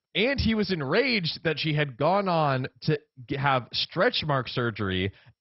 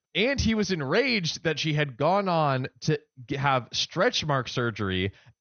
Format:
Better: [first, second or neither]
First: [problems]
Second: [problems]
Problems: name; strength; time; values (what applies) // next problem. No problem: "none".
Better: second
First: garbled, watery; badly; nothing above 5.5 kHz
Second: garbled, watery; slightly; nothing above 6.5 kHz